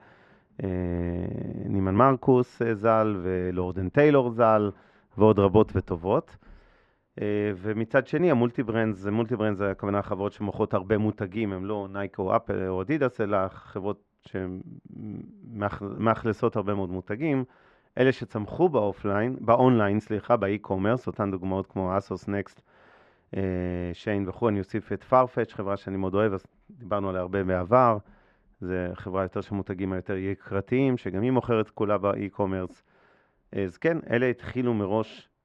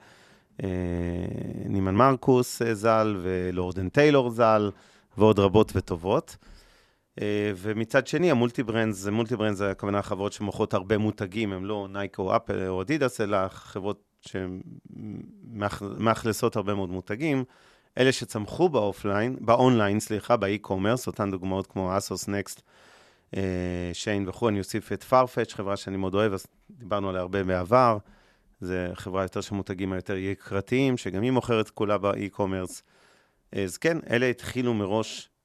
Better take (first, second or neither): second